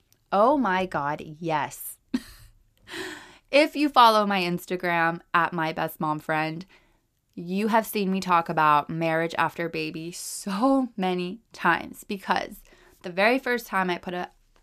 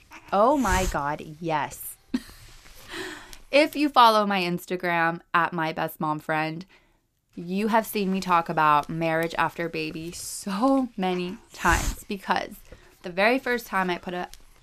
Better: first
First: none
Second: hiss; noticeable; until 4 s and from 7.5 s on; 15 dB below the speech

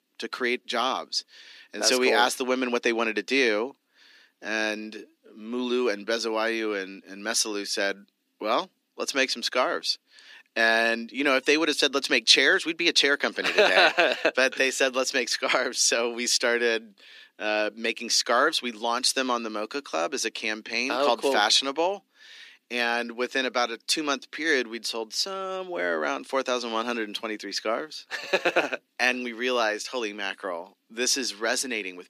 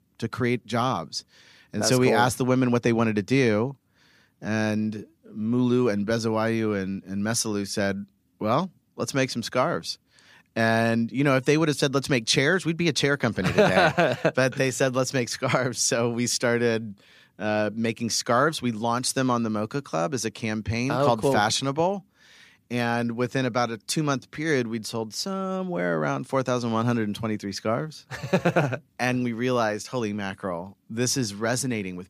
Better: second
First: thin; somewhat; fading below 300 Hz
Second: none

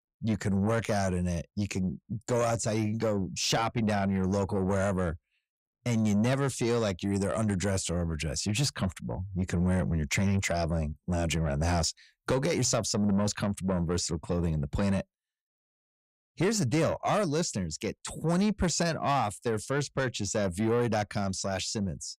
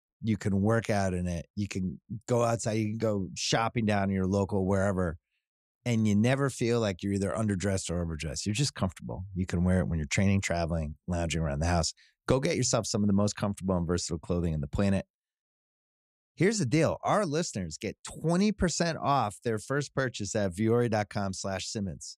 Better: second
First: distortion; slight; 10 dB below the speech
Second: none

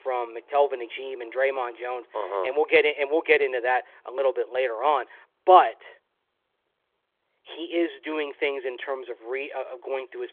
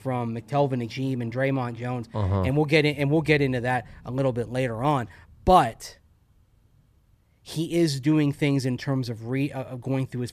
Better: second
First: phone-call audio; nothing above 3.5 kHz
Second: none

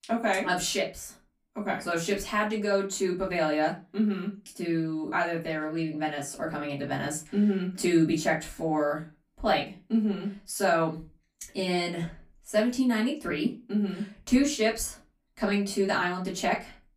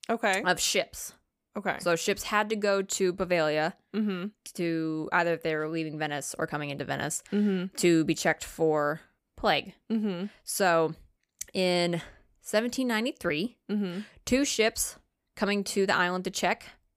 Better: second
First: off-mic speech; far // room echo; very slight; dies away in 0.2 s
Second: none

